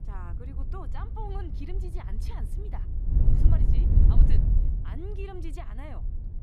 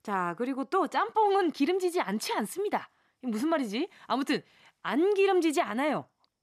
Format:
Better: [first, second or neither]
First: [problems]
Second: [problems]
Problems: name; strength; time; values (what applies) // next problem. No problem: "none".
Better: second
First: wind noise on the microphone; heavy; 1 dB above the speech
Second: none